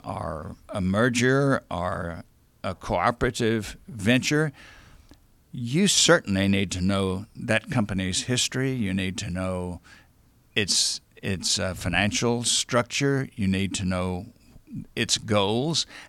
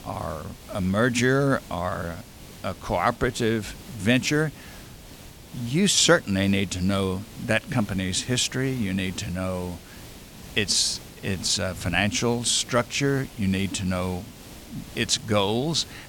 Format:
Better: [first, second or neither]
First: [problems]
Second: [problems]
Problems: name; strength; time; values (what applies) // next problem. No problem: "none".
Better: first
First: none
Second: hiss; noticeable; throughout; 20 dB below the speech